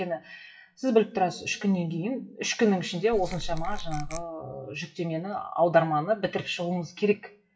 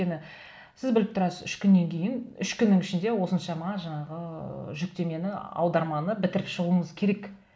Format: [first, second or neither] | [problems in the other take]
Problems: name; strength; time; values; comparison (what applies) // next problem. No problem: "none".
second | noise reduction (classical method WPE with log-MMSE)